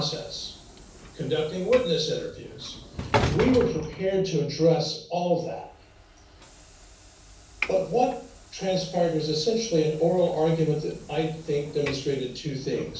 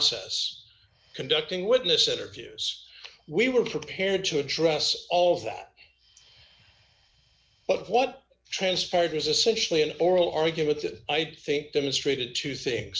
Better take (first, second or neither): second